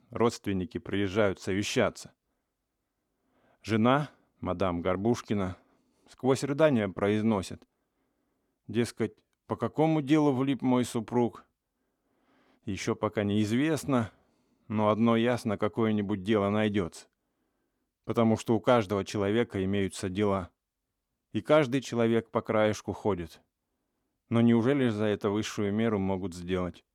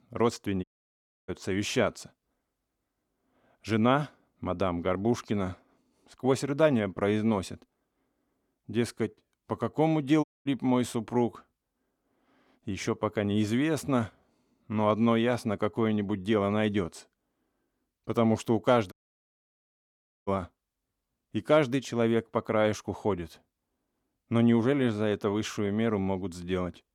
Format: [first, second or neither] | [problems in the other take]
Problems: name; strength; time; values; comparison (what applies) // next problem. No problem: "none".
first | audio cutting out; at 0.5 s for 0.5 s, at 10 s and at 19 s for 1.5 s